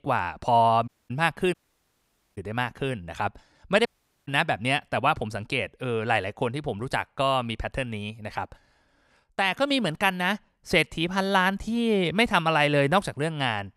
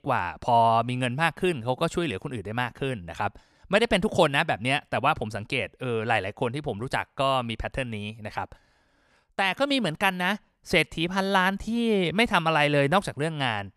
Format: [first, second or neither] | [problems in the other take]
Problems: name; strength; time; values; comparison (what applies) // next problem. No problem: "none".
second | audio cutting out; at 1 s, at 1.5 s for 1 s and at 4 s